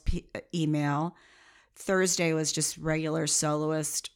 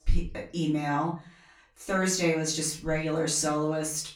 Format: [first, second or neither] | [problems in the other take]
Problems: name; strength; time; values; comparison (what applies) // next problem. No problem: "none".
first | off-mic speech; far // room echo; slight; dies away in 0.3 s